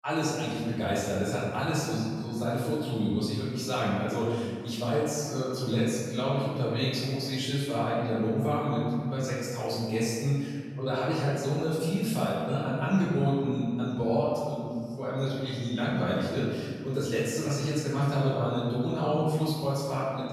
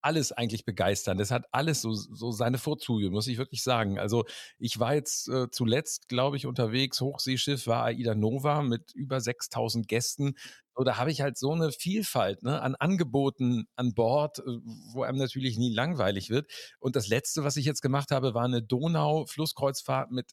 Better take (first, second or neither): second